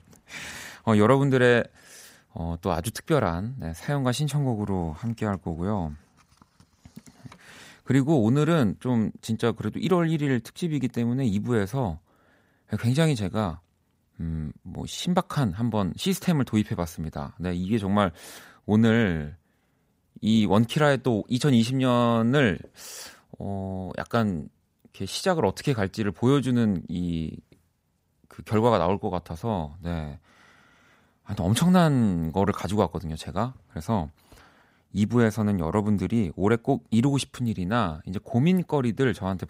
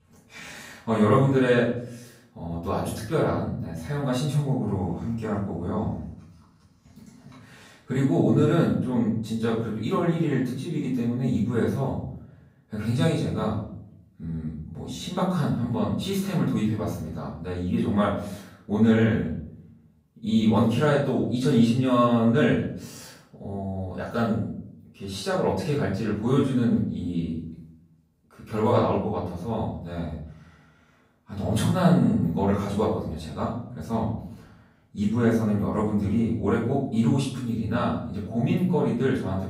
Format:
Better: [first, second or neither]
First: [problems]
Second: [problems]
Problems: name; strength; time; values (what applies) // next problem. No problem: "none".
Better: first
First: none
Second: off-mic speech; far // room echo; noticeable; dies away in 0.6 s